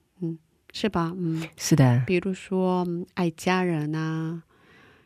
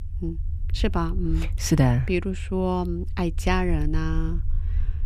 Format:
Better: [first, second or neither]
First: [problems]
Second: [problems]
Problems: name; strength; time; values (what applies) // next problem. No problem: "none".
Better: first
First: none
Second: low rumble; faint; throughout; 20 dB below the speech